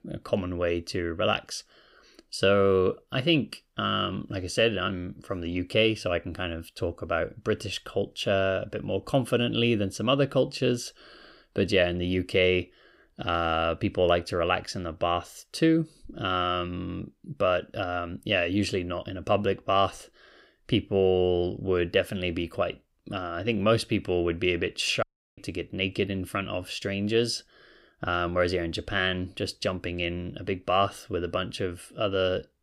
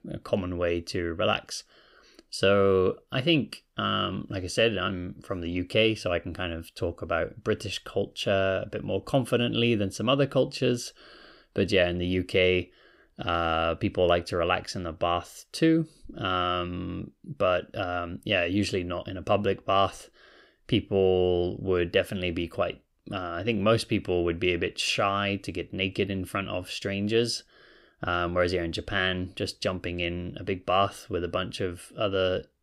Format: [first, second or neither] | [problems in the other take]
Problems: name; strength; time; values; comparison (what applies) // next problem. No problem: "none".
second | audio cutting out; at 25 s